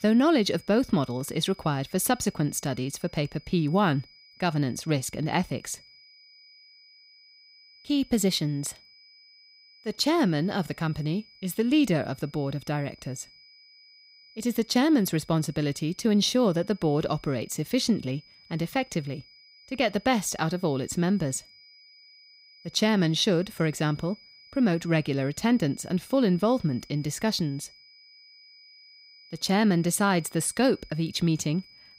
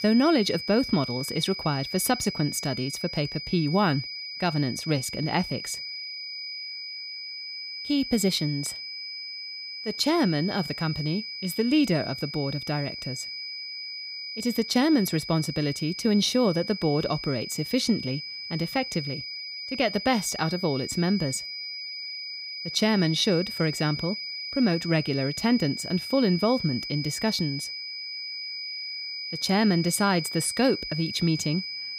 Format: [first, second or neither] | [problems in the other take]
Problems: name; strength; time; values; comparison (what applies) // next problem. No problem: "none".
first | high-pitched whine; loud; throughout; 5 kHz, 7 dB below the speech; faint in the first